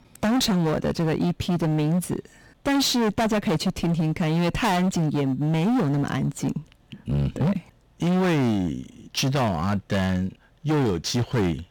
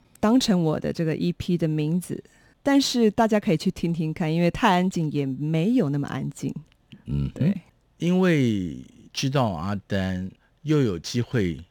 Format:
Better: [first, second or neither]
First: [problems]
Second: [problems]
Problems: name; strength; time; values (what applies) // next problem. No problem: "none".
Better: second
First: distortion; heavy; 24% of the sound clipped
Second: none